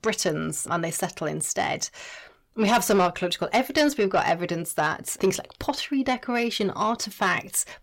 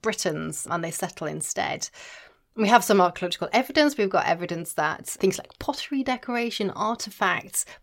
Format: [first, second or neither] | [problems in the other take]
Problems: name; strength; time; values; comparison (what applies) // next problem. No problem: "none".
second | distortion; slight; 10 dB below the speech